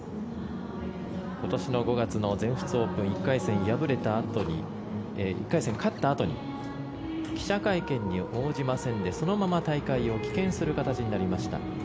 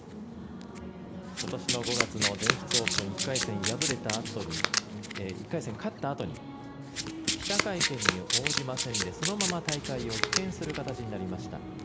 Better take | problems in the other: first | background sound (Domestic sounds, home sounds); 2 dB above the speech

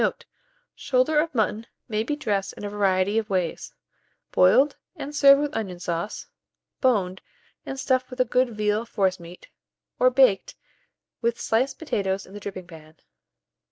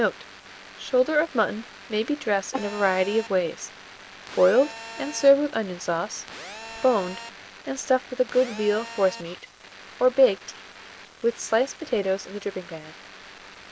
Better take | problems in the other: first | background sound (Telephone); 16 dB below the speech

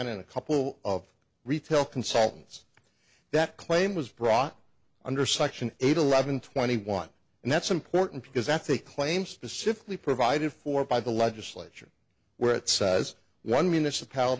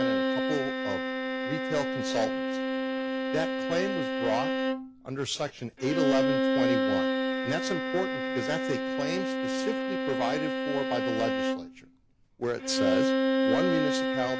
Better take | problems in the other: first | background sound (Bowed string instrument); 4 dB above the speech

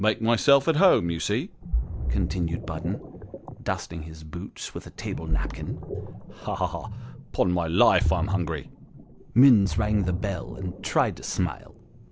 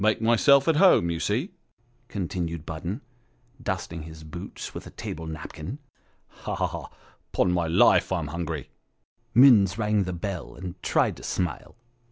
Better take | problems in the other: second | background sound (Ocean); 6 dB below the speech

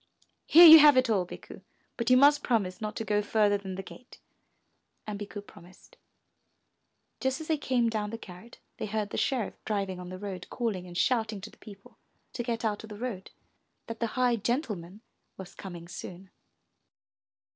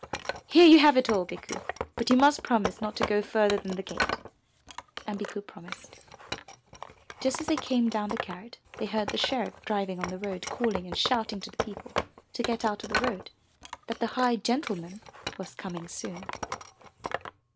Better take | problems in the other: first | background sound (Wood); 9 dB below the speech

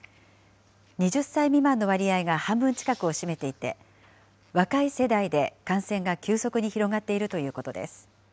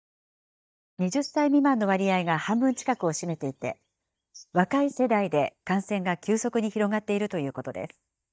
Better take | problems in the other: first | noise reduction (neural mask model DeepFilterNet 3)

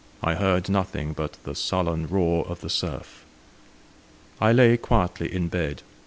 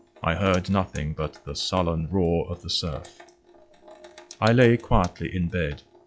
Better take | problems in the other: first | noise reduction (classical method log-MMSE)

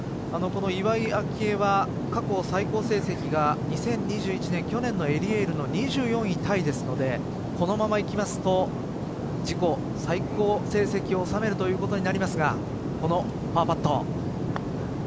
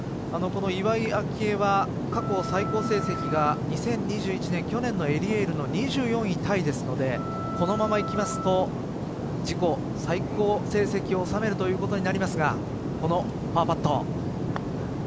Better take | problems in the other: first | background sound (Wind instrument, woodwind instrument); 11 dB below the speech

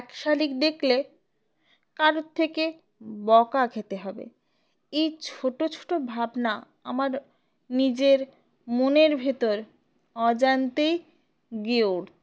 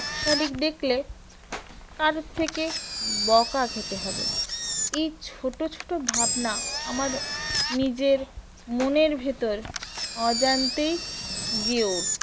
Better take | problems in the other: first | background sound (Engine); 3 dB below the speech

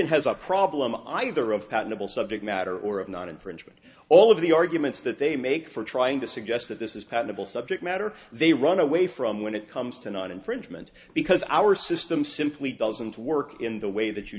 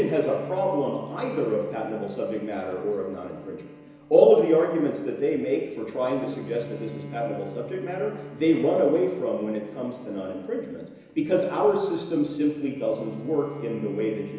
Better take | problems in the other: first | background sound (Bowed string instrument); 18 dB below the speech // room echo; dies away in 1 s

